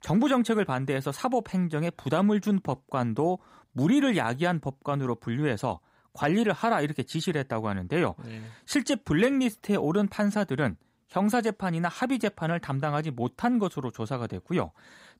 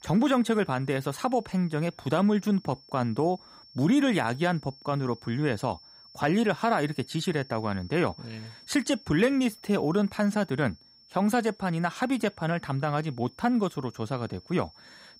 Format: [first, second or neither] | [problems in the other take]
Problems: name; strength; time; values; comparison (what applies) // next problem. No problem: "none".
first | high-pitched whine; faint; throughout; 5.5 kHz, 25 dB below the speech